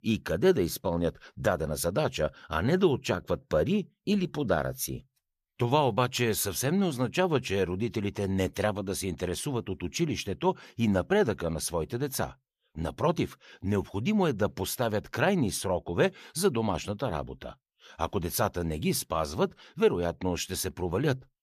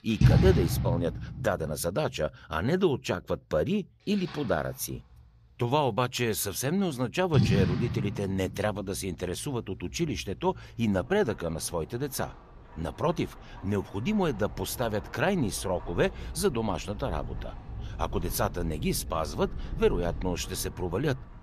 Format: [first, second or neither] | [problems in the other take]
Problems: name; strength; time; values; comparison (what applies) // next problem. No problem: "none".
first | rain or running water; loud; throughout; 3 dB below the speech